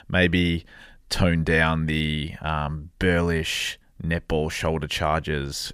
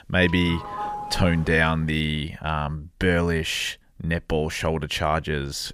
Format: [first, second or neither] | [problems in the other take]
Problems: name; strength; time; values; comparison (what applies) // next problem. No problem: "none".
first | doorbell; noticeable; until 1.5 s; peak 7 dB below the speech